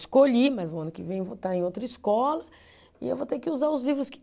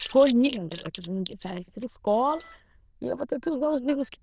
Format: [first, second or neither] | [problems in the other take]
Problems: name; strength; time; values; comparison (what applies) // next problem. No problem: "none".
first | noise reduction (neural diffusion model UNIVERSE++)